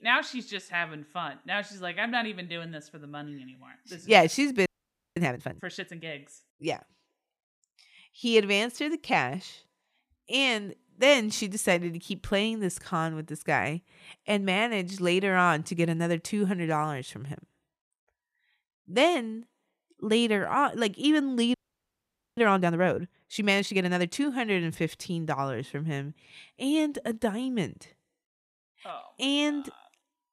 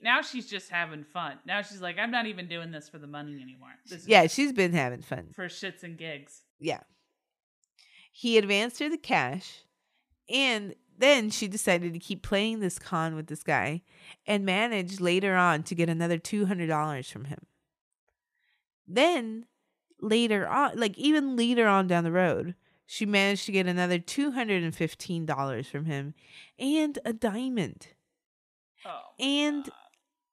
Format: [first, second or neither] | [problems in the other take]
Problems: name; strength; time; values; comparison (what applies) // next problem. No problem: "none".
second | audio freezing; at 4.5 s for 0.5 s and at 22 s for 1 s